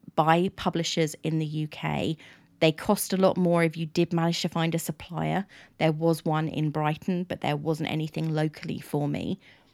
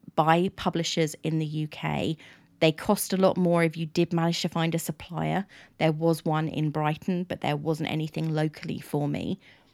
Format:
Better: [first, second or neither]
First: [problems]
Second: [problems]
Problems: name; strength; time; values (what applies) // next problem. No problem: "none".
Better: neither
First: none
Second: none